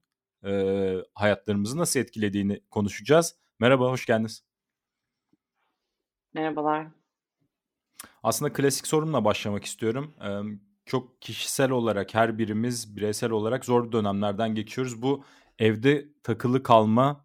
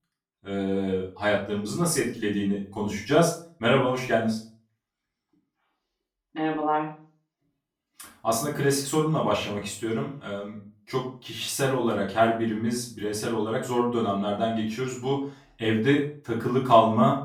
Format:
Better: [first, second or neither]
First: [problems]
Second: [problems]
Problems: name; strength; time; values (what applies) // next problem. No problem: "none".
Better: first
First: none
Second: off-mic speech; far // room echo; slight; dies away in 0.3 s